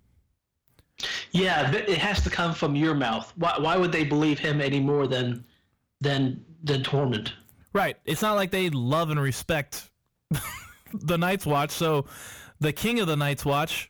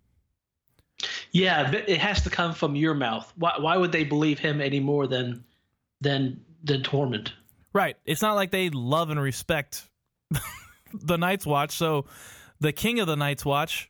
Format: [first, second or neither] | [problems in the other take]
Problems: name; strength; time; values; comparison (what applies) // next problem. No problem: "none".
second | distortion; slight; 10 dB below the speech